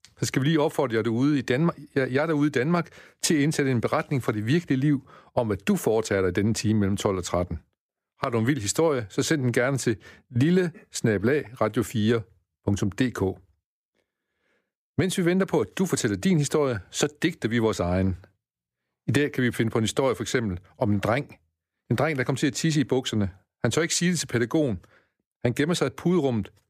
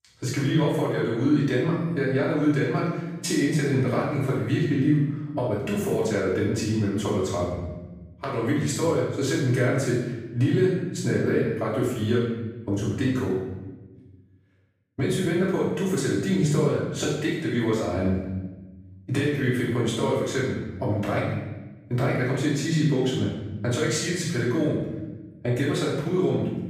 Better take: first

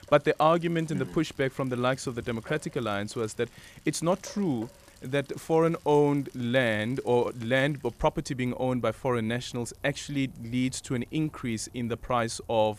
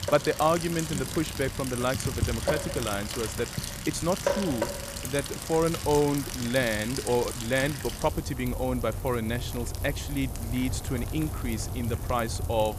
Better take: first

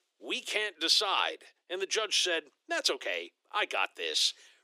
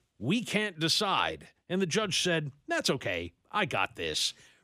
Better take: second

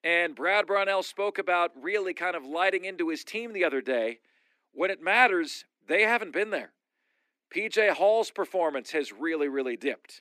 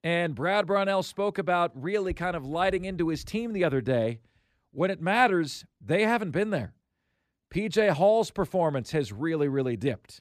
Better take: second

